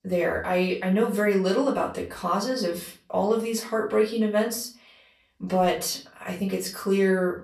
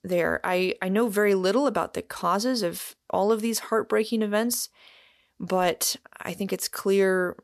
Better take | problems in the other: second | room echo; slight; dies away in 0.4 s // off-mic speech; far

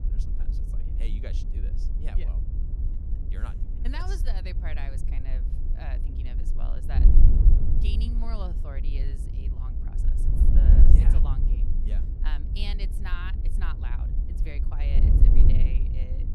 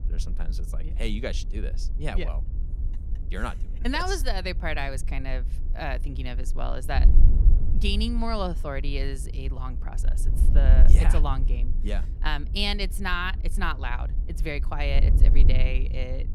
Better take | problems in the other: second | wind noise on the microphone; heavy; 2 dB below the speech; occasional gusts in the second

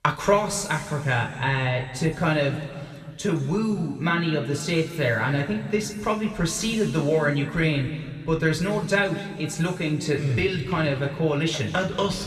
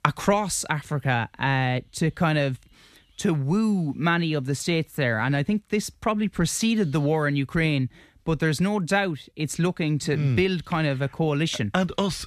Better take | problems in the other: second | room echo; noticeable; dies away in 1.9 s // off-mic speech; somewhat distant

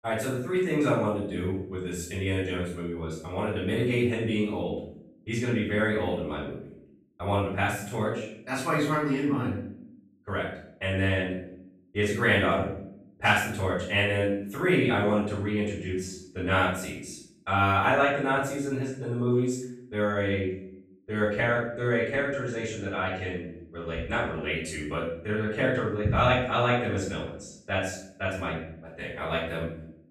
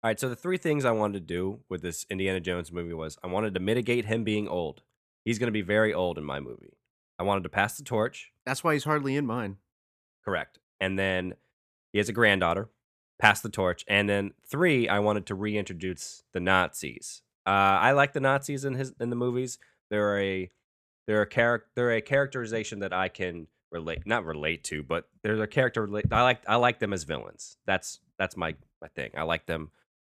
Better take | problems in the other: second | off-mic speech; far // room echo; noticeable; dies away in 0.6 s

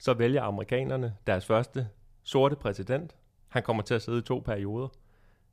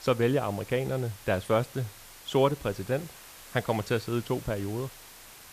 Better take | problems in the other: first | hiss; noticeable; throughout; 15 dB below the speech

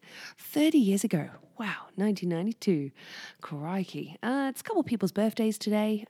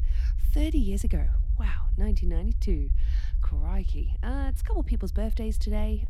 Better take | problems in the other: first | low rumble; noticeable; throughout; 10 dB below the speech

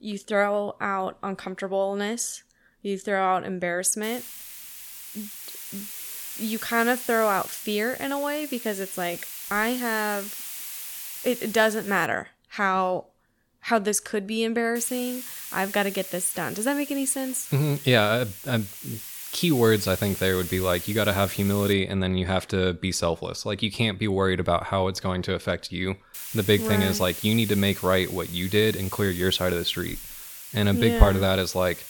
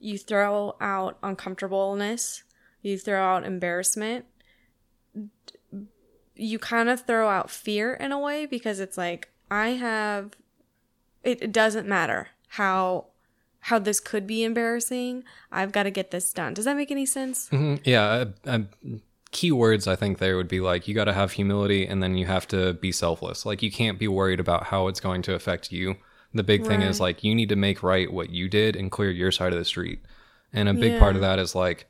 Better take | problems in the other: second | hiss; loud; from 4 to 12 s, from 15 to 22 s and from 26 s on; 10 dB below the speech

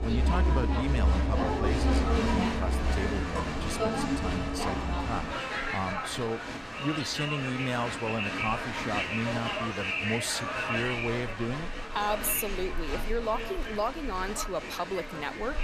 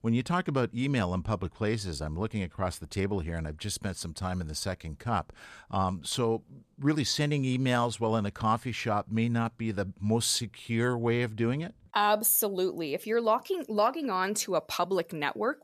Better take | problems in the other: second | crowd noise; very loud; throughout; 2 dB above the speech

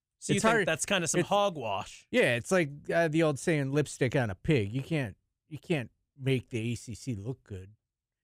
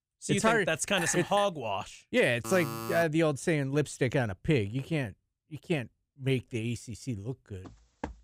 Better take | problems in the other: first | clattering dishes; noticeable; at 1 s; peak 6 dB below the speech // alarm; noticeable; at 2.5 s; peak 8 dB below the speech // footsteps; faint; at 7.5 s; peak 15 dB below the speech

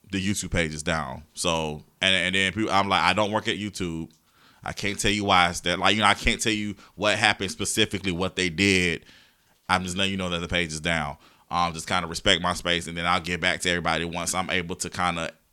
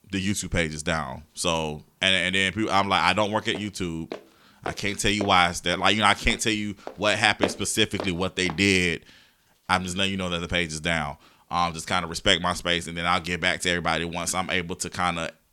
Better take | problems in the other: first | footsteps; noticeable; from 3.5 to 8.5 s; peak 5 dB below the speech

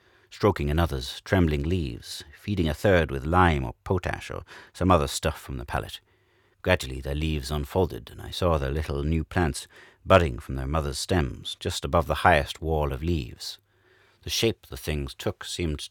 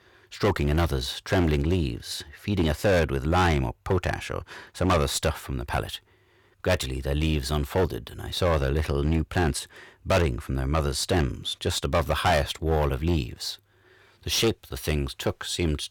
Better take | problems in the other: first | distortion; heavy; 9% of the sound clipped

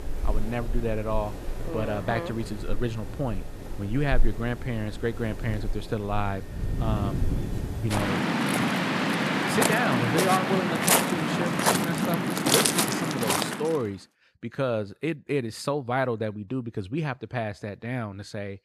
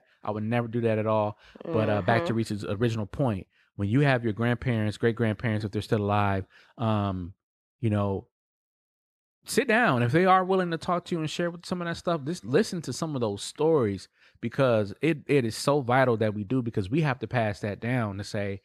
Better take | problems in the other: second | rain or running water; very loud; until 13 s; 4 dB above the speech

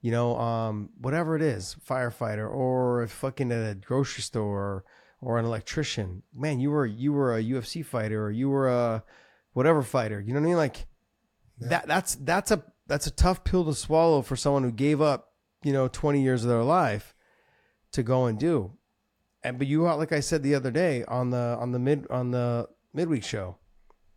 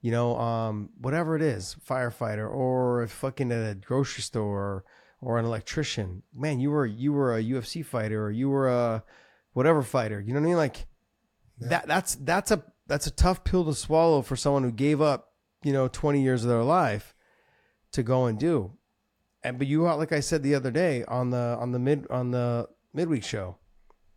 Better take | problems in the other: neither | none

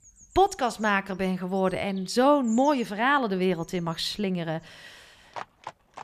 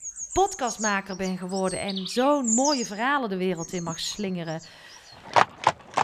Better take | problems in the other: first | animal sounds; loud; throughout; 1 dB below the speech; faint in the first

